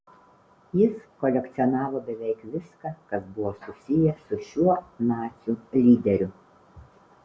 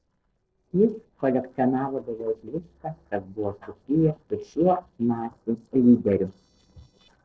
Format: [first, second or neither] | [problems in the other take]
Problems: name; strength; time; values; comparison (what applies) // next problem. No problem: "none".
first | noise reduction (neural separator model SepFormer DNS4)